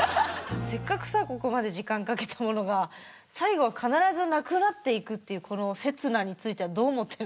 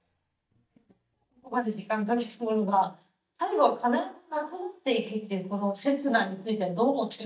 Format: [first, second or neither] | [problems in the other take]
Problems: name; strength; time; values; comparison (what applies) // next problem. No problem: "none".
first | noise reduction (neural mask model DeepFilterNet 3)